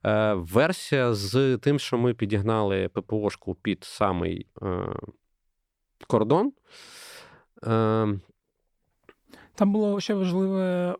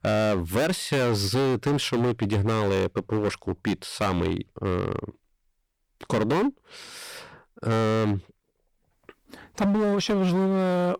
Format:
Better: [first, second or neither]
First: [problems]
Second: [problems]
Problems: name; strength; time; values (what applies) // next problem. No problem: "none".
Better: first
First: none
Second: distortion; heavy; 17% of the sound clipped